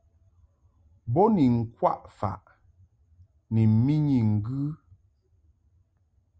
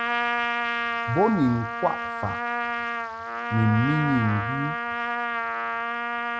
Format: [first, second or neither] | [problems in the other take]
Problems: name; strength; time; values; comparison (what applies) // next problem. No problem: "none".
first | background sound (Trumpet); 1 dB below the speech